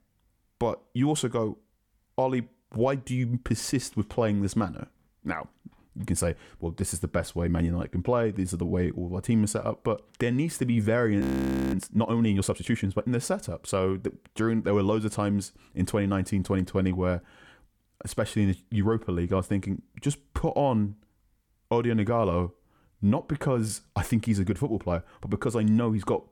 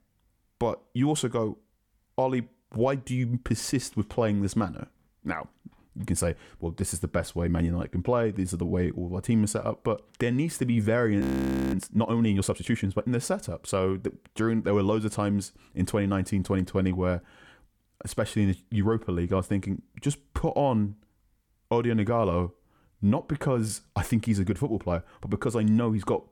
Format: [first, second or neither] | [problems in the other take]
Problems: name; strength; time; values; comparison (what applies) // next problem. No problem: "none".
neither | audio freezing; at 11 s for 0.5 s; the same in both